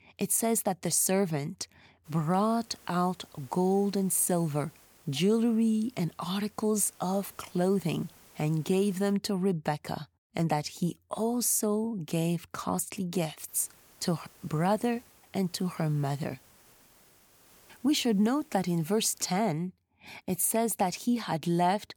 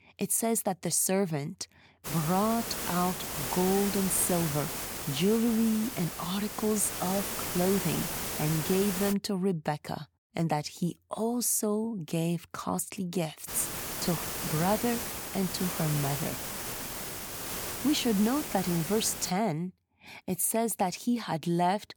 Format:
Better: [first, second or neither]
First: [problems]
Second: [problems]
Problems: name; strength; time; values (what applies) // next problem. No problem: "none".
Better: first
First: hiss; faint; from 2 to 9 s and from 13 to 19 s; 25 dB below the speech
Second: hiss; loud; from 2 to 9 s and from 13 to 19 s; 4 dB below the speech